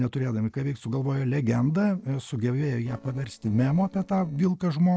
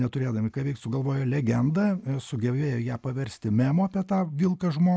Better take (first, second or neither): second